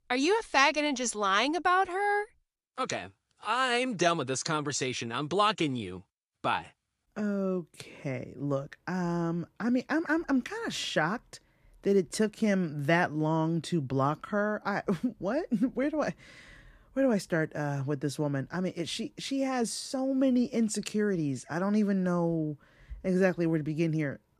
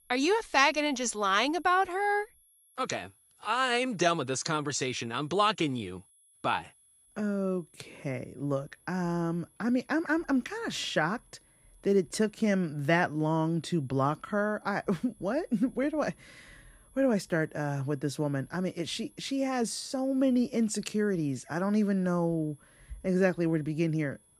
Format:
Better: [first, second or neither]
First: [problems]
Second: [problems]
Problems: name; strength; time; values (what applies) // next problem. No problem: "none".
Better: first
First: none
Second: high-pitched whine; faint; throughout; 10.5 kHz, 30 dB below the speech